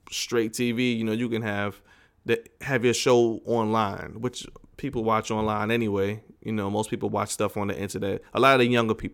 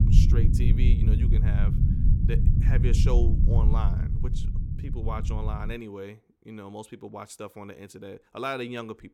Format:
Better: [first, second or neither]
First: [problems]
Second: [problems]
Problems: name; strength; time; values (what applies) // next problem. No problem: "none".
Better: first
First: none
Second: low rumble; loud; until 5.5 s; 2 dB below the speech